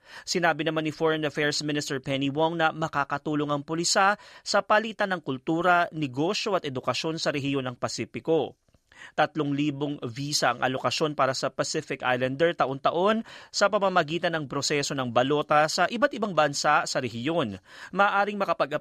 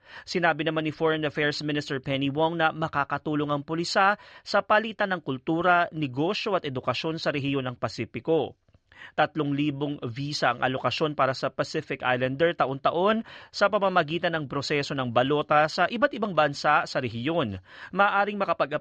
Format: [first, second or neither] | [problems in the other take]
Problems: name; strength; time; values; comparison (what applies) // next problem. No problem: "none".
first | muffled; very slightly; fading above 3 kHz